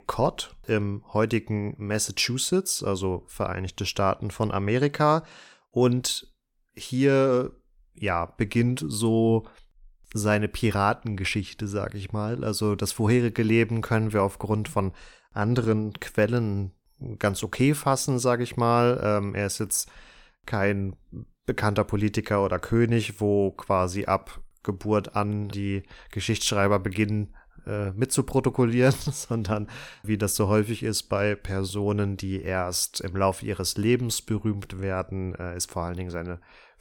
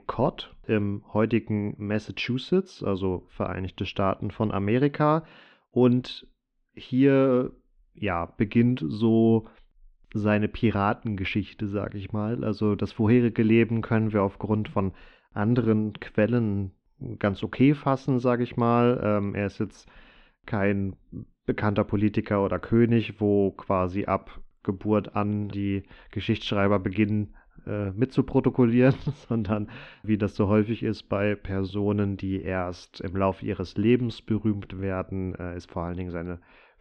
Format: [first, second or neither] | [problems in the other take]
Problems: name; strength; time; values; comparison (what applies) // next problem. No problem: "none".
first | muffled; very; fading above 3 kHz